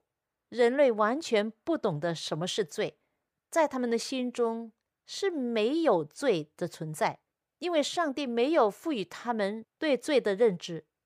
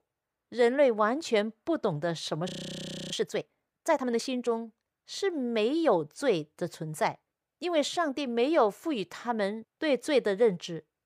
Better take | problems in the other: first | audio freezing; at 2.5 s for 0.5 s

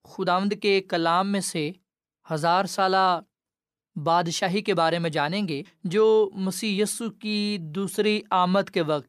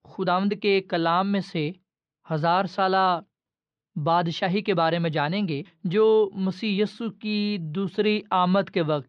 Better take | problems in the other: first | muffled; very slightly; fading above 3.5 kHz

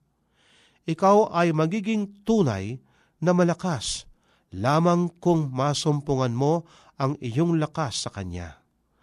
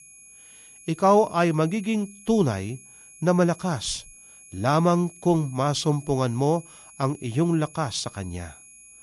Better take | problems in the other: first | high-pitched whine; faint; throughout; 11 kHz, 20 dB below the speech

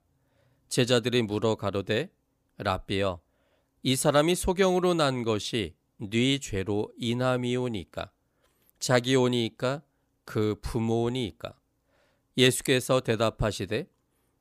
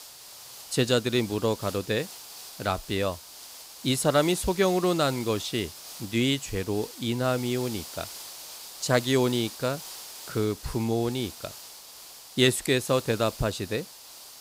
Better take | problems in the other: first | hiss; noticeable; throughout; 15 dB below the speech

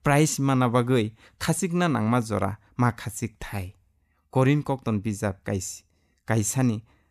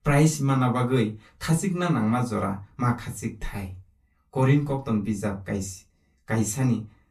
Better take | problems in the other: first | off-mic speech; far // room echo; very slight; dies away in 0.2 s

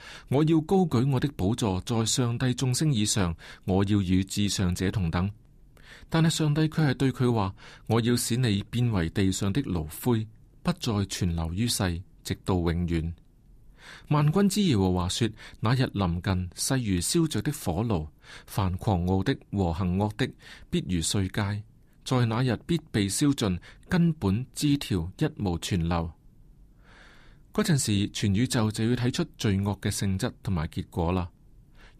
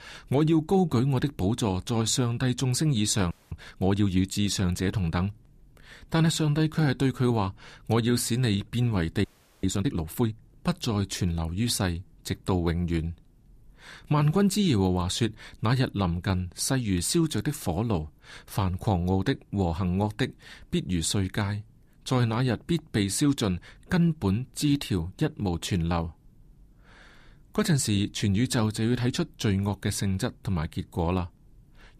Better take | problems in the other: first | audio freezing; at 3.5 s and at 9 s

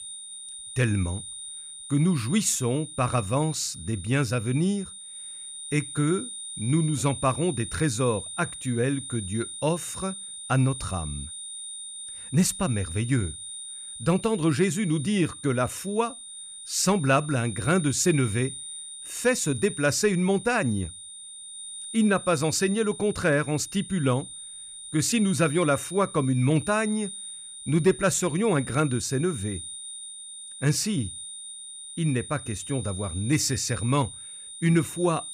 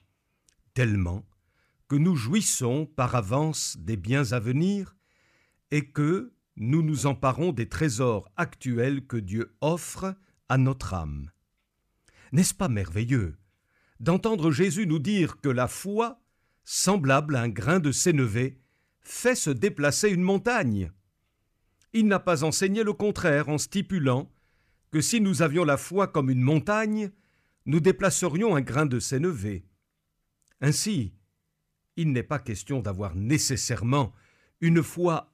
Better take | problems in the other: second | high-pitched whine; noticeable; throughout; 9 kHz, 10 dB below the speech

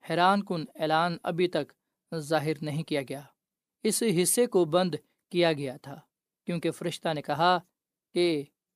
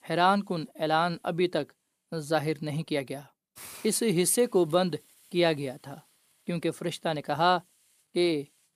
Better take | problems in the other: first | hiss; faint; throughout; 25 dB below the speech

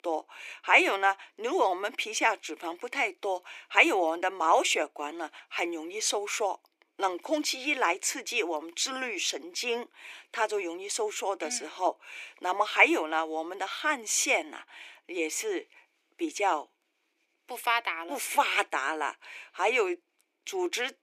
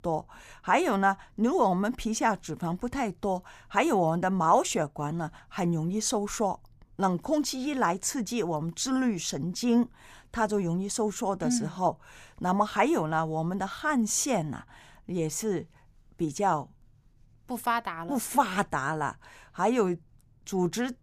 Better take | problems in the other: second | thin; very; fading below 300 Hz

